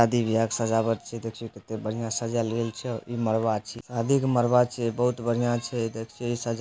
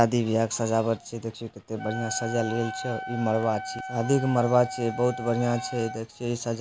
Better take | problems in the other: first | background sound (Wind instrument, woodwind instrument); 11 dB below the speech

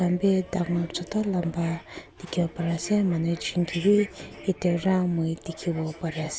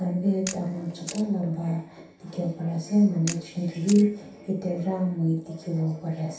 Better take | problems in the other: first | background sound (Camera); 16 dB below the speech // room echo; dies away in 0.7 s

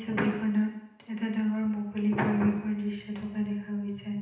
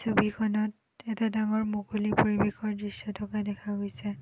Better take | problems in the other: second | room echo; dies away in 0.9 s

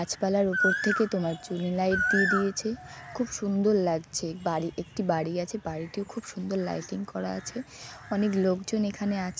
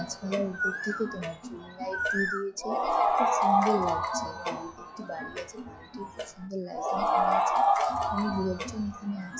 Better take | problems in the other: first | noise reduction (classical method log-MMSE)

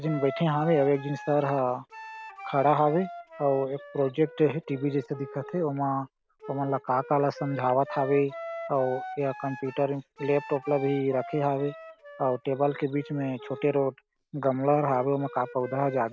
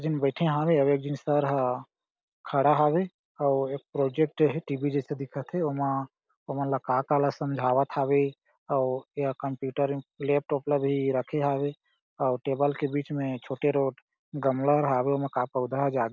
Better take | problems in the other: second | background sound (Wind instrument, woodwind instrument); 15 dB below the speech

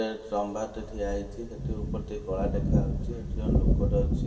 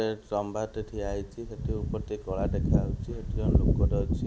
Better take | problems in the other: second | room echo; dies away in 2.1 s

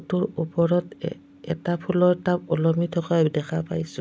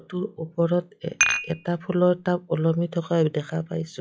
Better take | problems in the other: first | noise reduction (classical method log-MMSE)

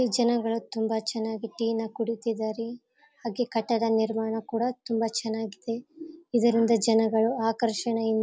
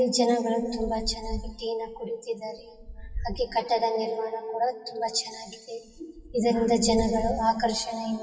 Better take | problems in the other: first | noise reduction (classical method WPE with log-MMSE)

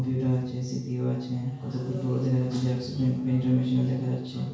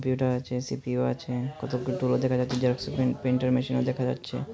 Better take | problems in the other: second | room echo; dies away in 0.6 s

